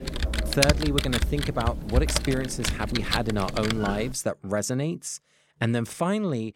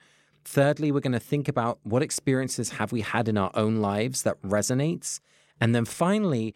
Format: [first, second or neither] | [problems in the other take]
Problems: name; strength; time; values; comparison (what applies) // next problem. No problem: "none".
second | keyboard typing; loud; until 4 s; peak 5 dB above the speech